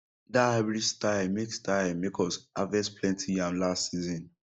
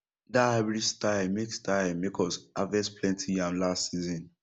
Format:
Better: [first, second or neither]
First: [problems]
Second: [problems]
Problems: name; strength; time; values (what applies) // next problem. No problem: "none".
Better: second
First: noise reduction (neural mask model Resemble Enhance denoiser)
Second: none